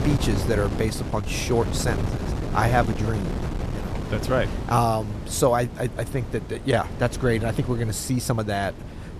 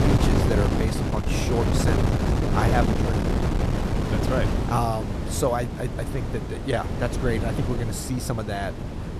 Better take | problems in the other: first | wind noise on the microphone; heavy; 1 dB below the speech; occasional gusts in the first

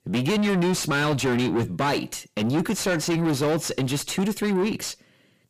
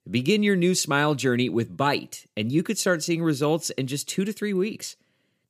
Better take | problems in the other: second | distortion; heavy; 6 dB below the speech

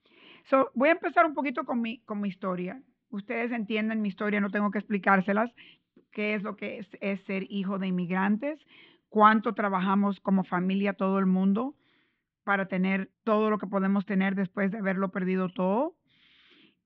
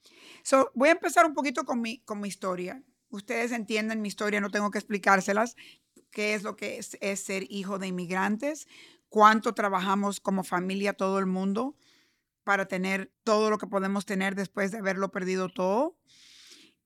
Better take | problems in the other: second | muffled; very; fading above 3 kHz

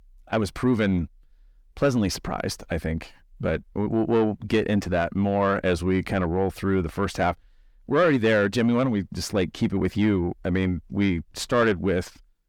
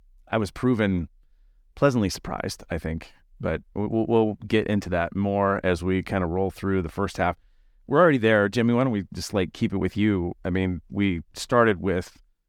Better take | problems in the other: second | distortion; slight; 10 dB below the speech

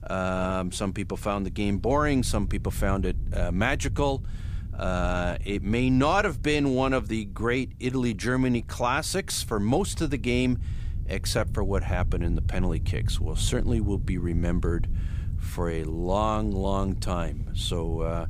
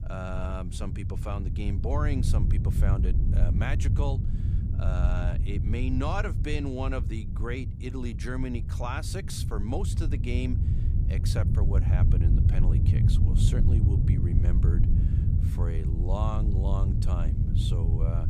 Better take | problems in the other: first | low rumble; loud; throughout; 4 dB below the speech; faint in the first

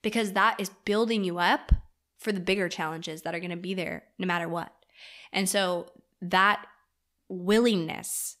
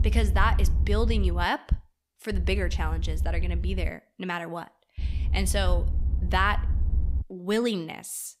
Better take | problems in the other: first | low rumble; noticeable; until 1.5 s, from 2.5 to 4 s and from 5 to 7 s; 15 dB below the speech

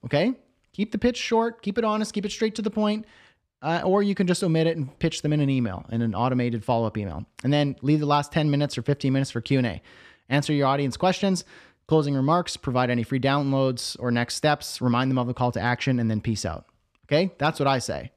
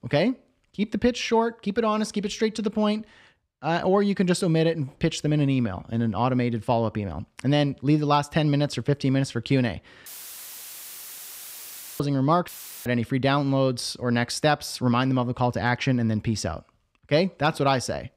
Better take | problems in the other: first | audio cutting out; filled with static; at 10 s for 2 s and at 12 s

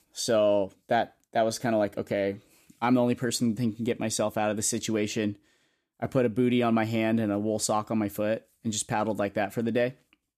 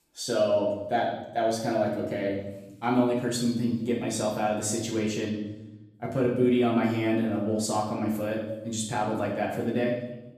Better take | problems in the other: first | room echo; noticeable; dies away in 0.9 s // off-mic speech; far

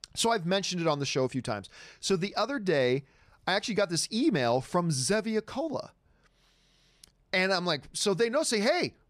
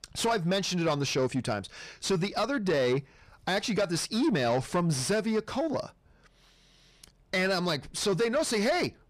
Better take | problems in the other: first | distortion; slight; 10 dB below the speech

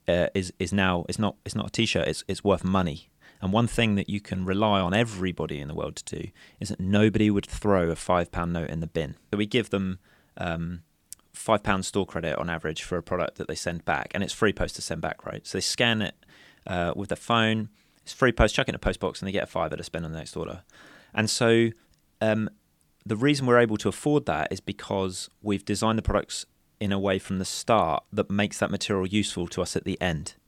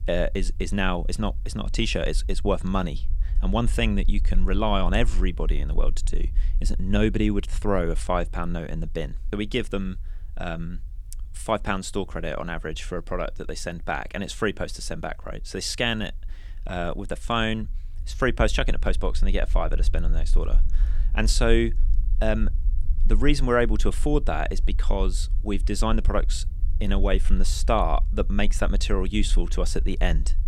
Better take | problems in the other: first | low rumble; faint; throughout; 25 dB below the speech

